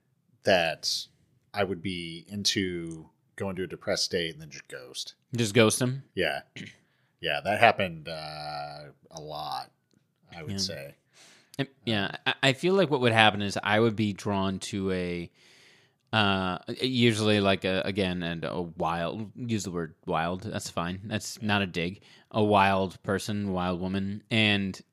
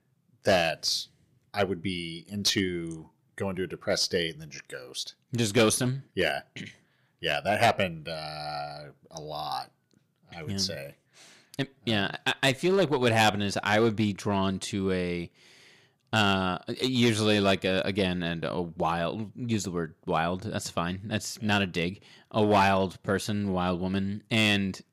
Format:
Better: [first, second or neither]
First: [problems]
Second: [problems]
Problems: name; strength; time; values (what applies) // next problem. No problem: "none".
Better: first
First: none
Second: distortion; slight; 2% of the sound clipped